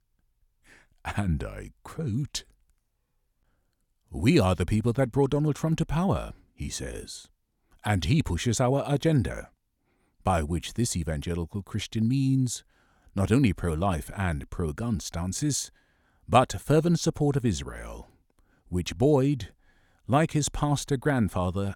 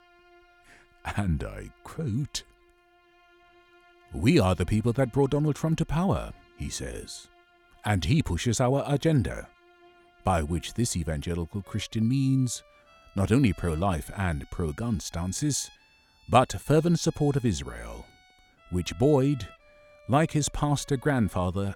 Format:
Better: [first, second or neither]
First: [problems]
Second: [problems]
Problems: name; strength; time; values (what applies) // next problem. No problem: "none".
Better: first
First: none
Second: background music; faint; throughout; 30 dB below the speech